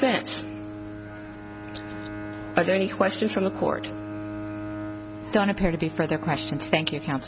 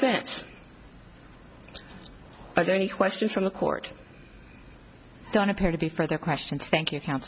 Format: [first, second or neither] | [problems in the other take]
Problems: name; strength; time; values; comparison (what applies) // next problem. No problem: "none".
second | background sound (Bowed string instrument); 8 dB below the speech